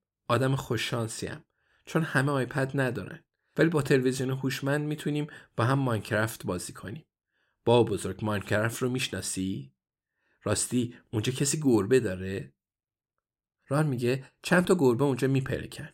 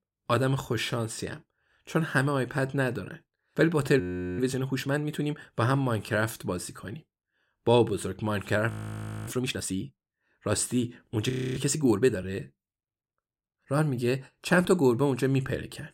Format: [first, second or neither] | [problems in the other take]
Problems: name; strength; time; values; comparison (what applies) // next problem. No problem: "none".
first | audio freezing; at 4 s, at 8.5 s for 0.5 s and at 11 s